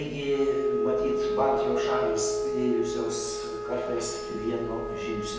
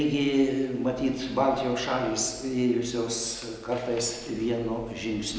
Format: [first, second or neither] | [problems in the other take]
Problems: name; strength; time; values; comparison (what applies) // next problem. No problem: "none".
second | background sound (Wind instrument, woodwind instrument); 1 dB above the speech // room echo; dies away in 0.2 s